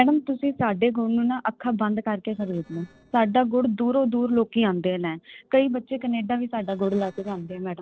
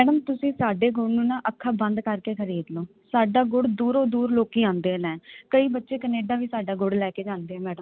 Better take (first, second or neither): second